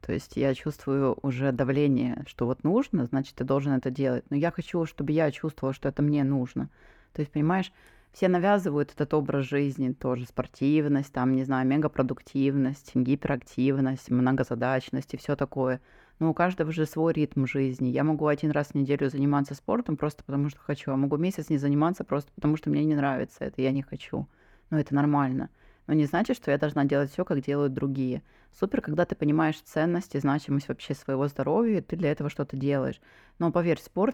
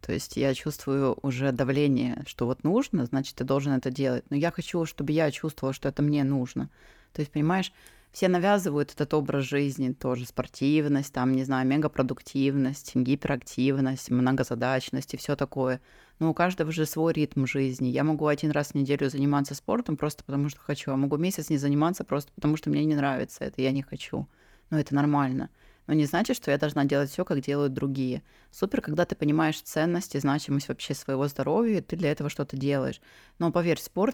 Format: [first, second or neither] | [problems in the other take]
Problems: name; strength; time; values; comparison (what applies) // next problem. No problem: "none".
second | muffled; slightly; fading above 3 kHz